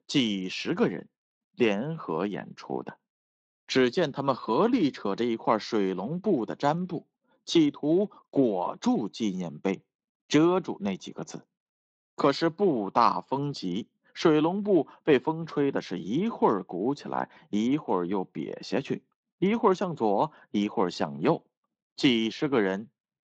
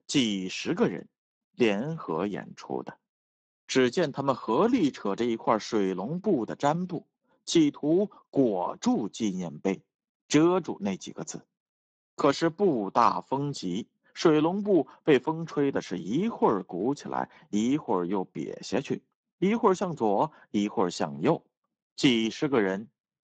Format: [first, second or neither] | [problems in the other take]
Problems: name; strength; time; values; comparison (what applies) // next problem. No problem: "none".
first | garbled, watery; badly; nothing above 7.5 kHz; slightly in the first